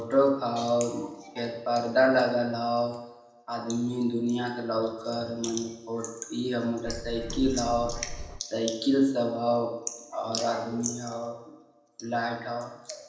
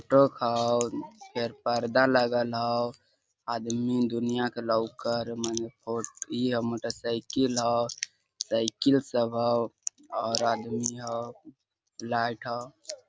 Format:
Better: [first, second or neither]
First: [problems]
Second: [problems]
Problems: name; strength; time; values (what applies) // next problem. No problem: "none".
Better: second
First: background sound (Bird); 8 dB below the speech // room echo; dies away in 0.9 s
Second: none